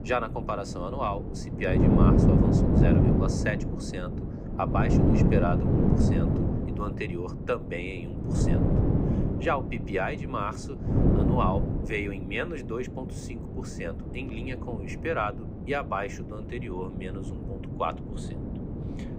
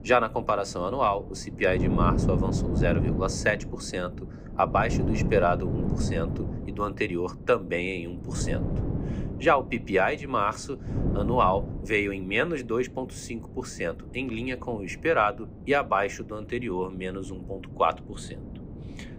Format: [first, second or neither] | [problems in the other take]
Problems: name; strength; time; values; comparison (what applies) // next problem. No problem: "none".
second | wind noise on the microphone; heavy; 2 dB below the speech; occasional gusts in the second